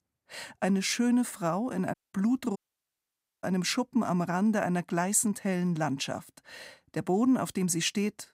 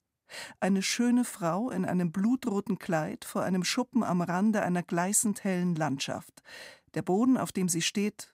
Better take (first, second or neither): second